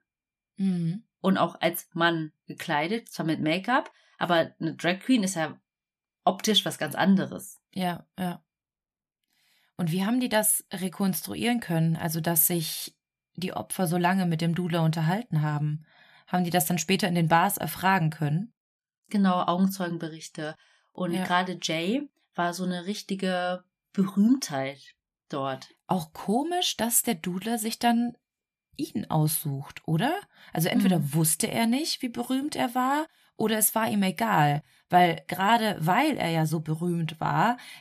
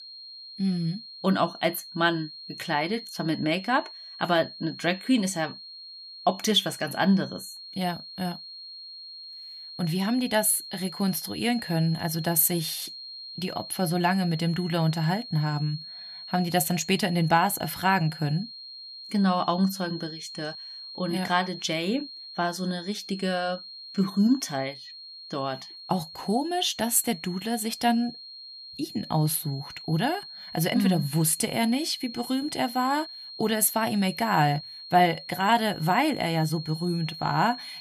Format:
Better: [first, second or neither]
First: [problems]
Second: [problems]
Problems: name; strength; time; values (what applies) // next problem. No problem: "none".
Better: first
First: none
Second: high-pitched whine; noticeable; throughout; 4 kHz, 15 dB below the speech